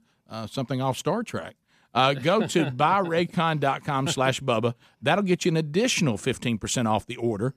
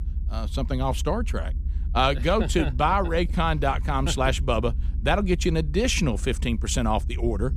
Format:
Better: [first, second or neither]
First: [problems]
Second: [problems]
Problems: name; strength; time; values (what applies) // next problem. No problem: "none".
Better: first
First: none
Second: low rumble; faint; throughout; 25 dB below the speech